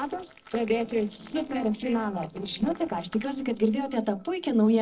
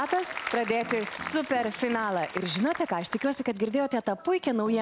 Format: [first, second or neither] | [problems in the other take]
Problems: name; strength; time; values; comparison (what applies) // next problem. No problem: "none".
second | noise reduction (neural separator model SepFormer DNS4)